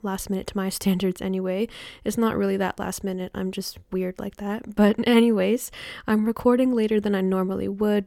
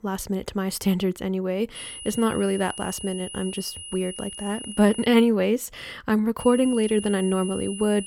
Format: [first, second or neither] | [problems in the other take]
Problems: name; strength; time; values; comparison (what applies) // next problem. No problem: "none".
first | high-pitched whine; noticeable; from 2 to 5 s and from 6.5 s on; 3 kHz, 10 dB below the speech